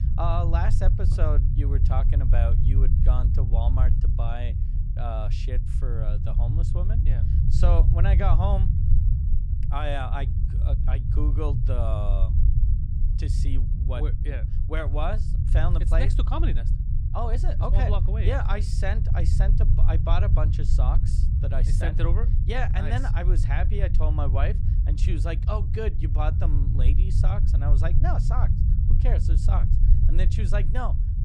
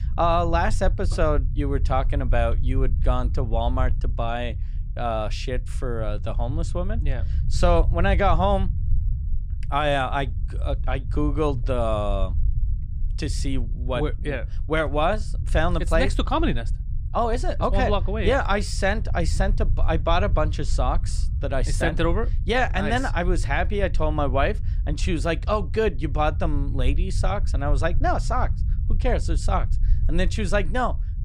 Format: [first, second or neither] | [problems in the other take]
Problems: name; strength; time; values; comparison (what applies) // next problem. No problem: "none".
second | low rumble; loud; throughout; 6 dB below the speech; faint in the second